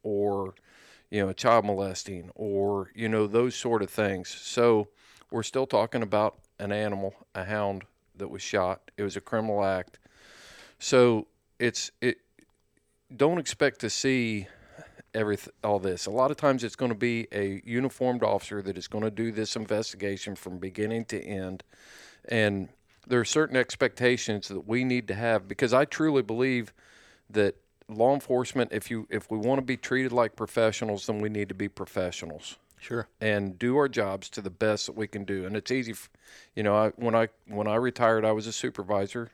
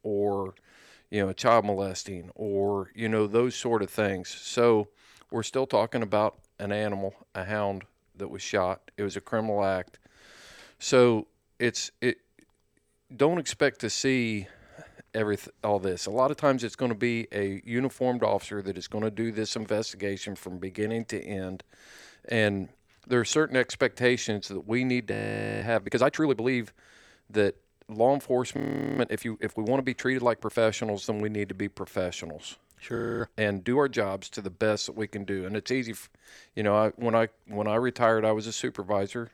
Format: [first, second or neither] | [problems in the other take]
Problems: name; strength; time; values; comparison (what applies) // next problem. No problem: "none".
first | audio freezing; at 25 s, at 29 s and at 33 s